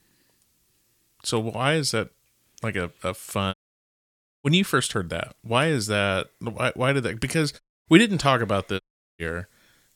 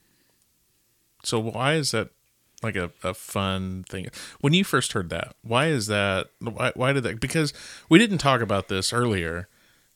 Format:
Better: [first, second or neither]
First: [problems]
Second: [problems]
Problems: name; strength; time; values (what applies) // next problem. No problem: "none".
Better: second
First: audio cutting out; at 3.5 s for 1 s, at 7.5 s and at 9 s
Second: none